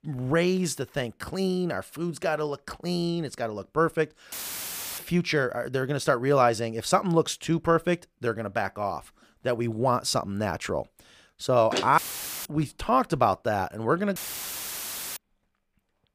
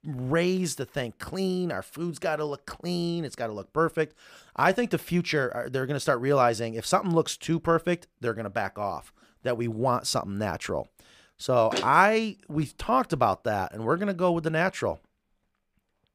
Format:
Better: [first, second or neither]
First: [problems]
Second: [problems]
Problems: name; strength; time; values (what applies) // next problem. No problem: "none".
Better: second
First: audio cutting out; filled with static; at 4.5 s for 0.5 s, at 12 s and at 14 s for 1 s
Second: none